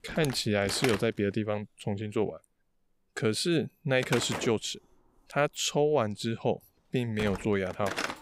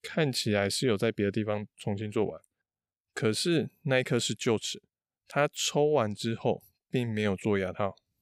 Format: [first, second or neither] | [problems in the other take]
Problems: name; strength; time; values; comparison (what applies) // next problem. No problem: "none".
second | door banging; noticeable; peak 4 dB below the speech